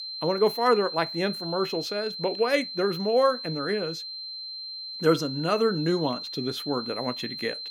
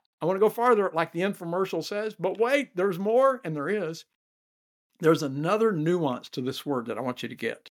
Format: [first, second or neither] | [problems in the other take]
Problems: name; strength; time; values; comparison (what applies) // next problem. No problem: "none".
second | high-pitched whine; loud; throughout; 4 kHz, 7 dB below the speech